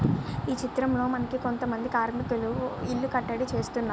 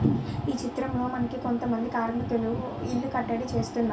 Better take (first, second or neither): first